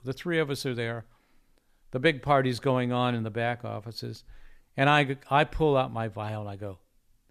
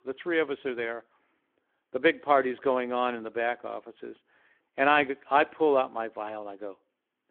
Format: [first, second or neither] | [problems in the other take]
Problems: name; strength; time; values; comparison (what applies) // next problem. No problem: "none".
first | phone-call audio; nothing above 3.5 kHz